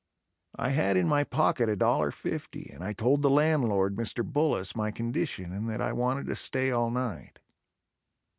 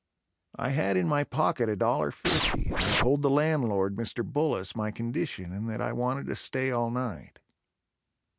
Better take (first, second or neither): first